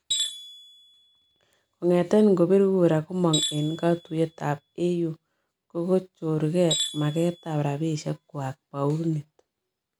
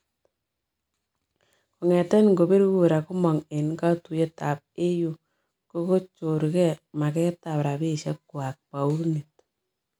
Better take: second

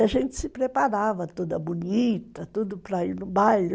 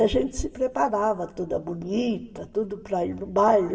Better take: first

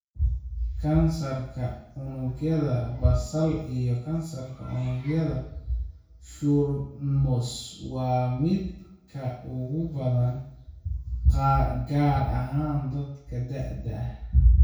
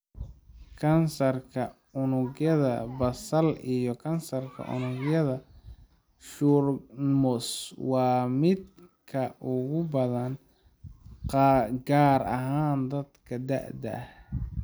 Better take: second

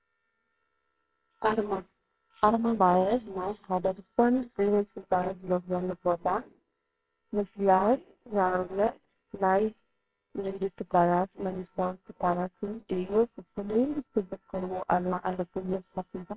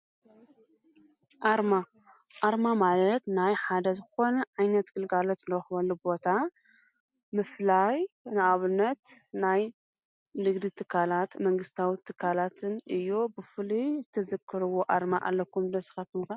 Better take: second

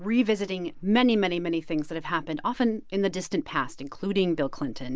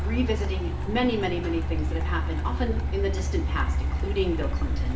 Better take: first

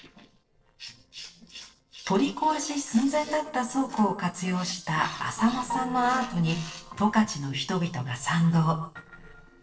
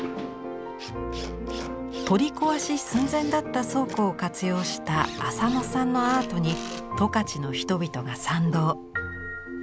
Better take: second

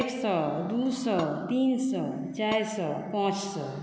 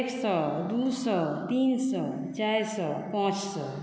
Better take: second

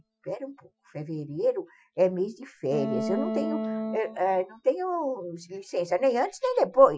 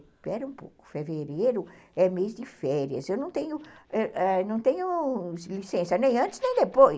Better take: second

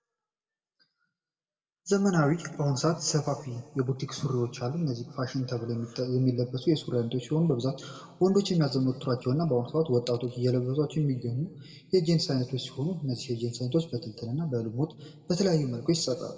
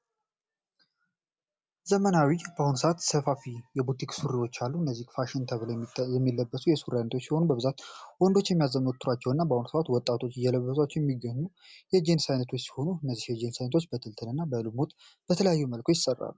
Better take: second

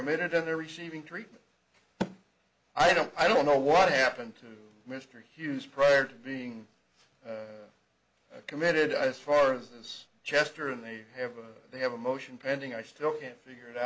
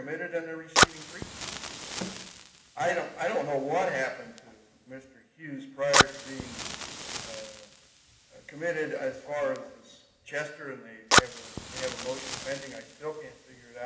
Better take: first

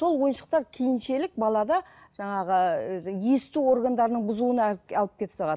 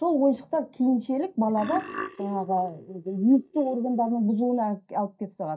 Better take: first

